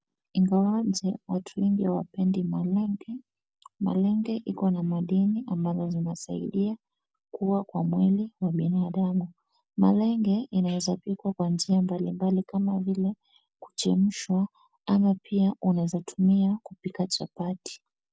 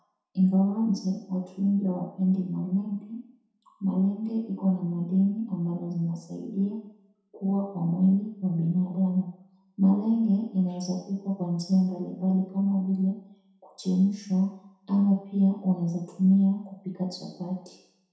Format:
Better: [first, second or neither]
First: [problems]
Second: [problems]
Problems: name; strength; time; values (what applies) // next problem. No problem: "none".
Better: first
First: none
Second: room echo; dies away in 0.7 s